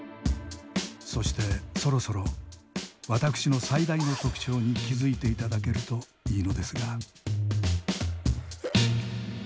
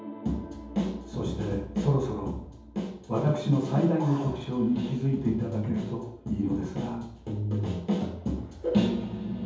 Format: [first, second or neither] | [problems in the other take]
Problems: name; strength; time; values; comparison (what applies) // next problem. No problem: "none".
first | room echo; dies away in 0.7 s